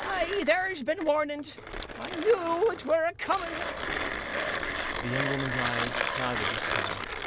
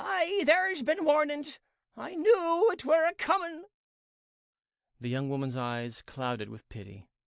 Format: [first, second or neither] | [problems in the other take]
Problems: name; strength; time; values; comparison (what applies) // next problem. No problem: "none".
second | background sound (Mechanisms); 3 dB below the speech